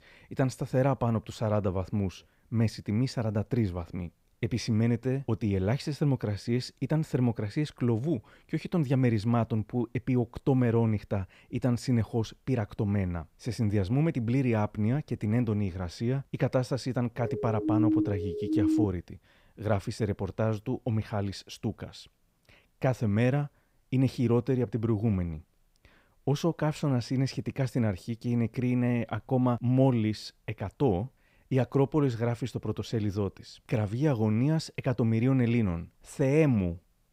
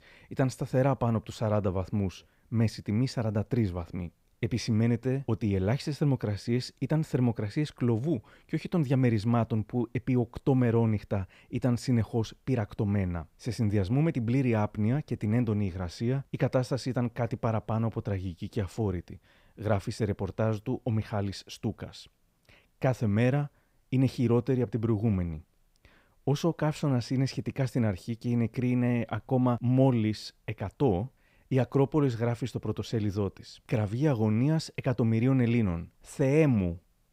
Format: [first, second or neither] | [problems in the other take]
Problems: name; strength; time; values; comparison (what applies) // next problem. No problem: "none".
second | siren; loud; from 17 to 19 s; peak 3 dB above the speech